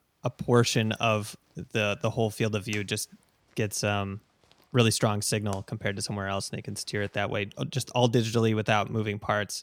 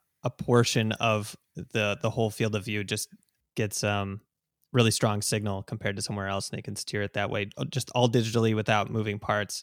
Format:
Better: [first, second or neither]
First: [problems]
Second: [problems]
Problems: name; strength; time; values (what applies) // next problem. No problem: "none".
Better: second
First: household noises; faint; throughout; 25 dB below the speech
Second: none